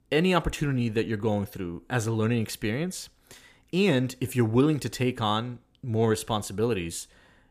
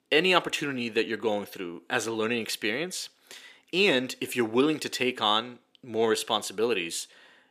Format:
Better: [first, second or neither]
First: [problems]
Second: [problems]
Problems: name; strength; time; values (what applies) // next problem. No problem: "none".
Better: first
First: none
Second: thin; somewhat; fading below 350 Hz